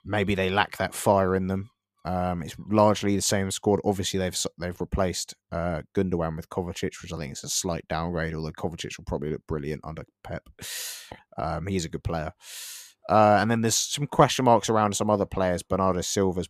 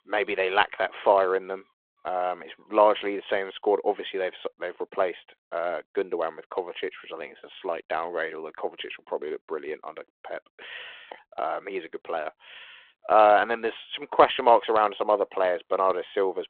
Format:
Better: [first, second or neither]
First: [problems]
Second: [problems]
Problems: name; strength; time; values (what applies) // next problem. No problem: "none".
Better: first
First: none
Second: phone-call audio